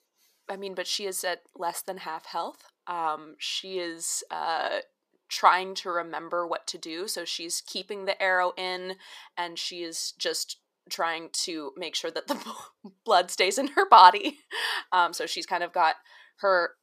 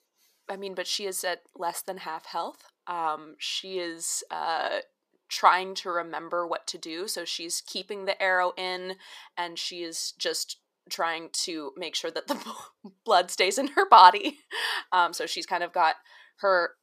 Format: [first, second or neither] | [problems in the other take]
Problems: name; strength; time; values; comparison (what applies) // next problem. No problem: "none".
neither | thin; somewhat; fading below 400 Hz; the same in both